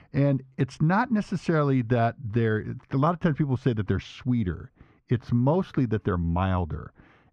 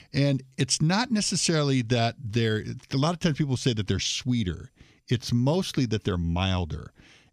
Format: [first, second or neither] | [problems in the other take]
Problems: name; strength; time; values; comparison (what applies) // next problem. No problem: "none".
second | muffled; very; fading above 3 kHz